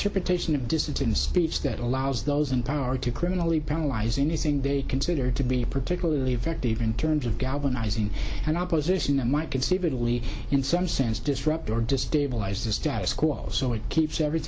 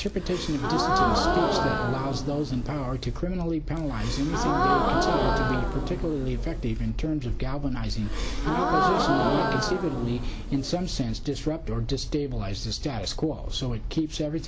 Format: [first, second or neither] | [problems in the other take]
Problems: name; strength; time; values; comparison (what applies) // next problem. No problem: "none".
first | background sound (Gasp); as loud as the speech